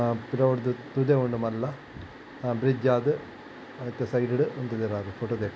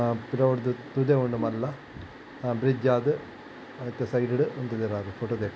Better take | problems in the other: first | background sound (Brass instrument); 14 dB below the speech

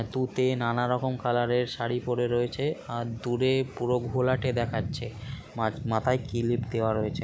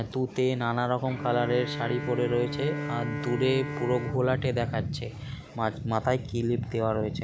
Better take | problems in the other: first | background sound (Bowed string instrument); 9 dB below the speech

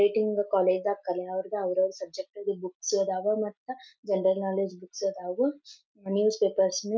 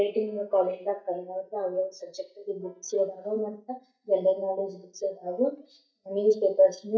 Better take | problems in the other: first | noise reduction (neural mask model DeepFilterNet 3)

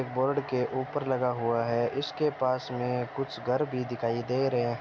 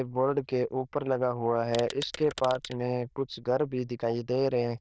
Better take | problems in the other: first | noise reduction (neural diffusion model UNIVERSE++)

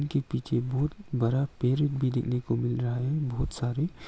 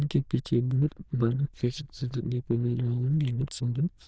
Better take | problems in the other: first | noise reduction (neural diffusion model UNIVERSE++)

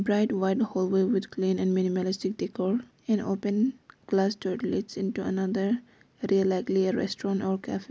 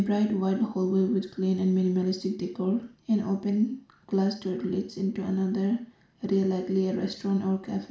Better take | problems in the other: first | room echo; dies away in 0.4 s

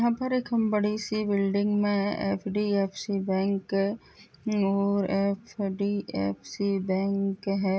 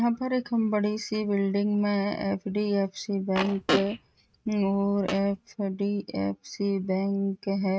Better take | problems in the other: first | noise reduction (neural mask model RNNoise)

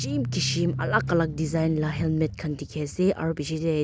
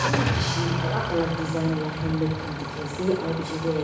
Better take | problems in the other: first | background sound (Idling / Engine starting); 4 dB below the speech // room echo; dies away in 1 s

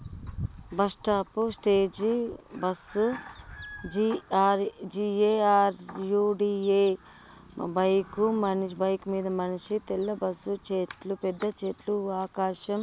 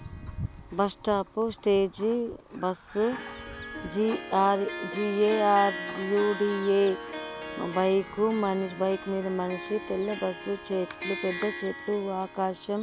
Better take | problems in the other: first | background sound (Harp); 12 dB below the speech

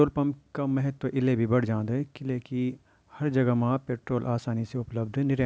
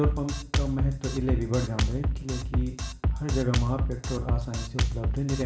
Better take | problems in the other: first | background sound (Drum kit); 2 dB above the speech // room echo; dies away in 0.9 s

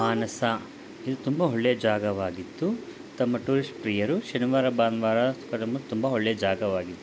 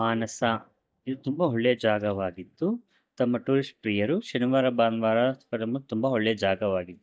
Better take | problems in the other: first | noise reduction (neural mask model DeepFilterNet 3)

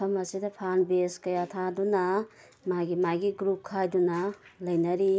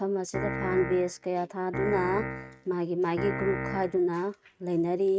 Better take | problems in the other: first | noise reduction (neural mask model RNNoise)

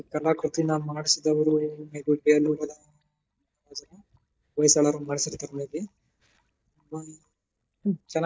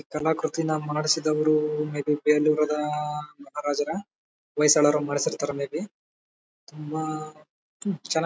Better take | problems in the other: second | noise reduction (neural mask model DeepFilterNet 3)

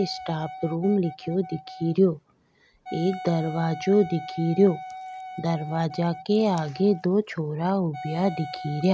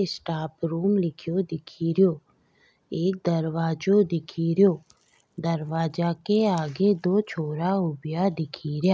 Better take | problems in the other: second | background sound (Wind instrument, woodwind instrument); 14 dB below the speech

